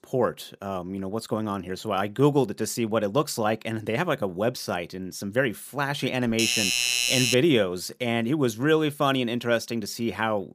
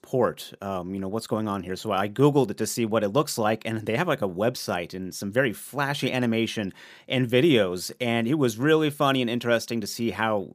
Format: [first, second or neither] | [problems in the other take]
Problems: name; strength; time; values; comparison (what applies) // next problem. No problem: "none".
second | doorbell; loud; from 6.5 to 7.5 s; peak 5 dB above the speech